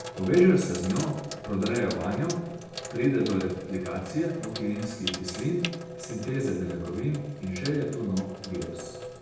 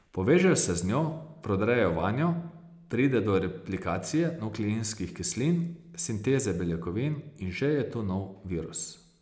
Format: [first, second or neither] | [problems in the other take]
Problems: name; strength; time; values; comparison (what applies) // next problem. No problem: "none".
second | background sound (Sink (filling or washing)); 11 dB below the speech // room echo; dies away in 0.8 s